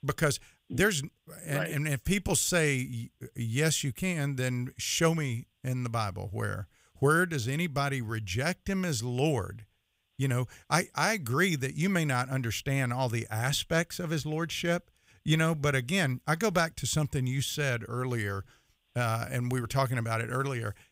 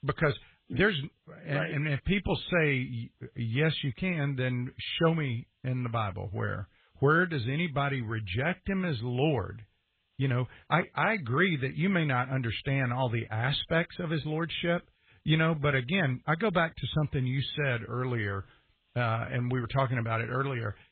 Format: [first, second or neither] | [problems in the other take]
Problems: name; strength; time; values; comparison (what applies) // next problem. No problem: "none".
first | garbled, watery; badly; nothing above 3.5 kHz